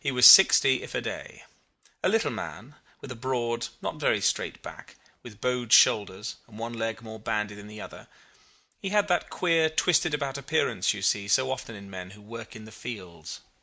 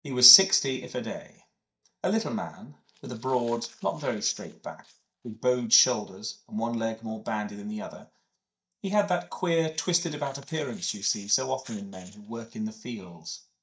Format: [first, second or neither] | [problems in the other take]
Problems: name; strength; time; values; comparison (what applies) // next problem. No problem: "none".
first | noise reduction (neural mask model DeepFilterNet 3)